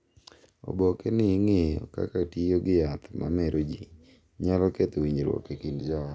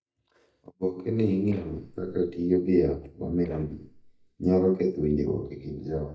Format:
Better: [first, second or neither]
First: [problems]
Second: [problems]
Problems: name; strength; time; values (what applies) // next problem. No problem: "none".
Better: first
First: none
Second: noise reduction (neural mask model DeepFilterNet 3)